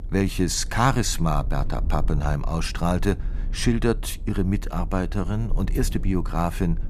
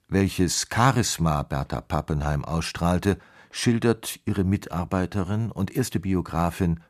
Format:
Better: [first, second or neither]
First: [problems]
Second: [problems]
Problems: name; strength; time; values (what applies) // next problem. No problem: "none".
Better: second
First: low rumble; faint; throughout; 20 dB below the speech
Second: none